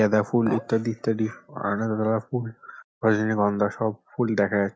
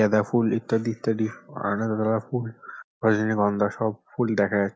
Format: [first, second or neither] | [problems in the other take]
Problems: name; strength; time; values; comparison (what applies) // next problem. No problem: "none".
second | noise reduction (neural mask model RNNoise)